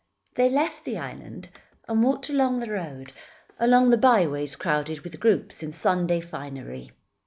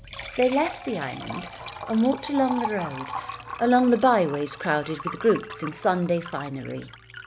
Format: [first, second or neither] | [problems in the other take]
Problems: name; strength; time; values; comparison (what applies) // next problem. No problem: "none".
first | background sound (Liquid); 12 dB below the speech